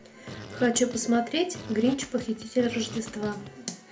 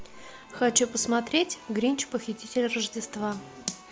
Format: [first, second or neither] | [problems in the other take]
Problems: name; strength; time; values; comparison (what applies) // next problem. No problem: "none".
second | background sound (Fart); 14 dB below the speech // room echo; dies away in 0.3 s